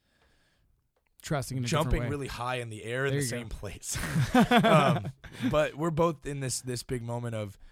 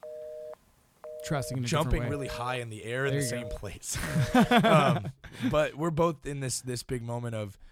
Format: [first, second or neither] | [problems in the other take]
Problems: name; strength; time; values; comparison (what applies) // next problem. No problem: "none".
first | phone ringing; faint; until 4.5 s; peak 10 dB below the speech